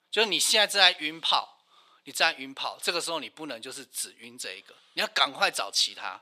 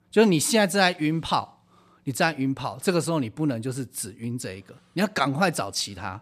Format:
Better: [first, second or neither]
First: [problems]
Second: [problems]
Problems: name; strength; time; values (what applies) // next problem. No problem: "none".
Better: second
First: thin; very; fading below 600 Hz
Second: none